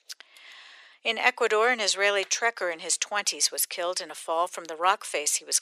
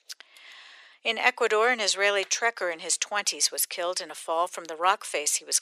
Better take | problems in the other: neither | thin; very; fading below 400 Hz; the same in both

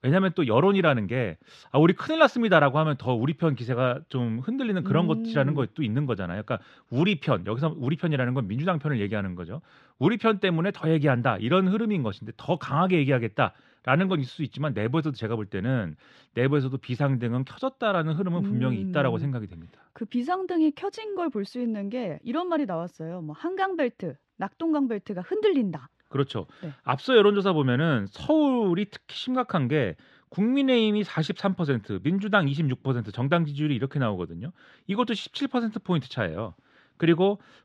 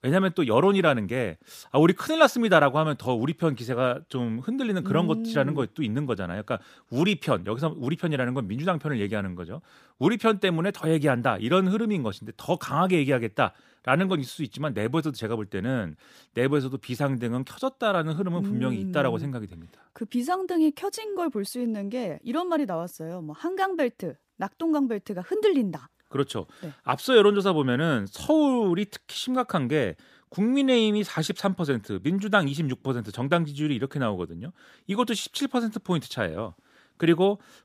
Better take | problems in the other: second | muffled; very slightly; fading above 3 kHz

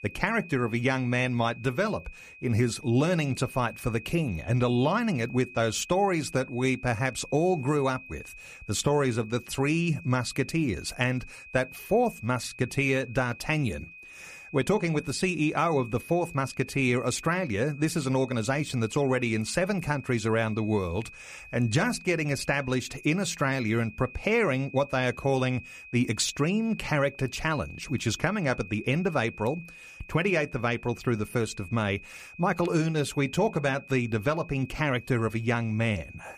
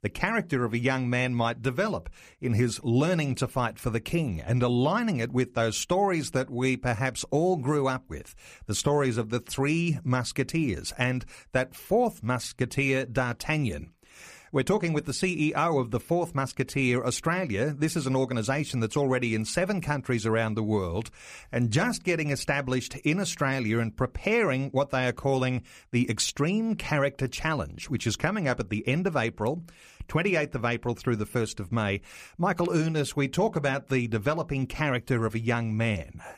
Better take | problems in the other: second | high-pitched whine; noticeable; throughout; 2.5 kHz, 20 dB below the speech

